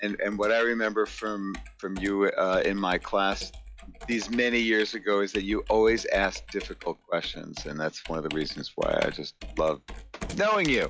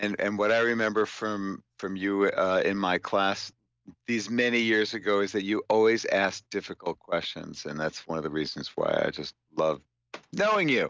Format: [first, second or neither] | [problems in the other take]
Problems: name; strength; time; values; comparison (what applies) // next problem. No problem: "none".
second | noise reduction (classical method log-MMSE)